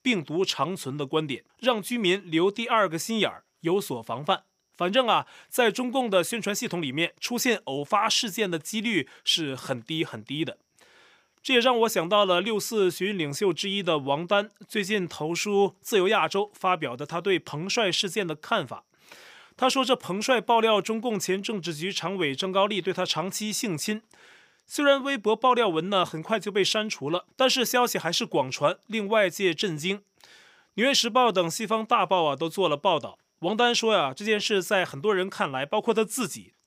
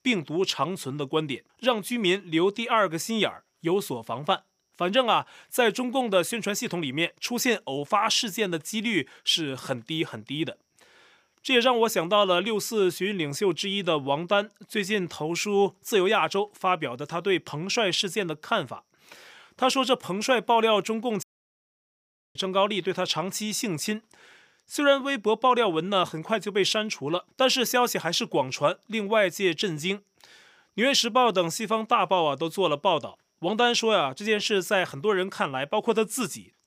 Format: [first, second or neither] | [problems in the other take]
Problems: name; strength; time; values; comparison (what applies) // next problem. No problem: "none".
first | audio cutting out; at 21 s for 1 s